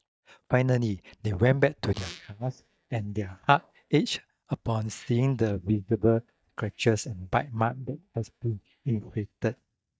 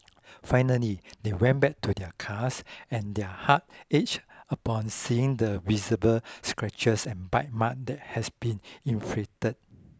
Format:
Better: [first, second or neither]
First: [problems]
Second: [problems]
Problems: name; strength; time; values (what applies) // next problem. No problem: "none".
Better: second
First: noise reduction (neural mask model DeepFilterNet 3)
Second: none